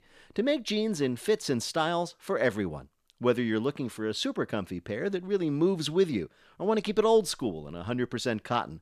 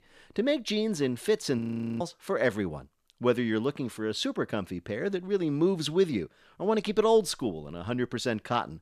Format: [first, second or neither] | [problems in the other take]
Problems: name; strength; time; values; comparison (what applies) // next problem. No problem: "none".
first | audio freezing; at 1.5 s